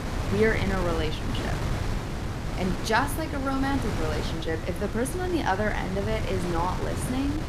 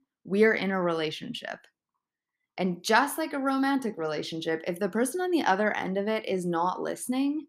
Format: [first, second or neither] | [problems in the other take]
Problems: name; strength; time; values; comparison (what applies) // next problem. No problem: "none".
second | wind noise on the microphone; heavy; 6 dB below the speech